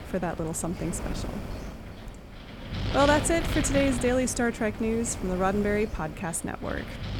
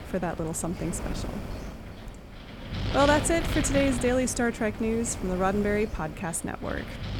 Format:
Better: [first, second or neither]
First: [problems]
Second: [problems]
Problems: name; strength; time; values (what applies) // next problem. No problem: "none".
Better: neither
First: wind noise on the microphone; heavy; 10 dB below the speech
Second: wind noise on the microphone; heavy; 10 dB below the speech